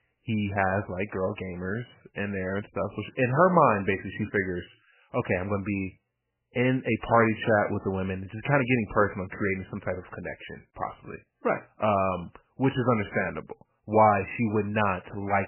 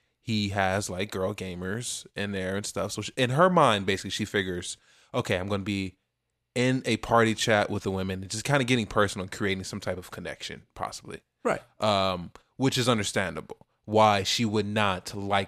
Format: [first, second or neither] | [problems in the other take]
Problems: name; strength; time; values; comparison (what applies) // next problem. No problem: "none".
second | garbled, watery; badly; nothing above 3 kHz